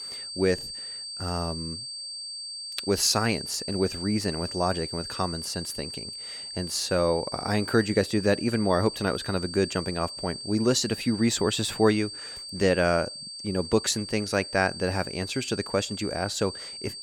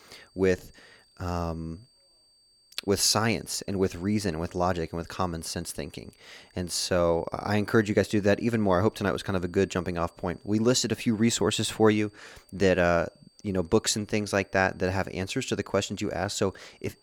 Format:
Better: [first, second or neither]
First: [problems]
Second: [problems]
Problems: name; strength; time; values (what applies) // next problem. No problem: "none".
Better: second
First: high-pitched whine; loud; throughout; 4.5 kHz, 8 dB below the speech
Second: high-pitched whine; faint; throughout; 4.5 kHz, 35 dB below the speech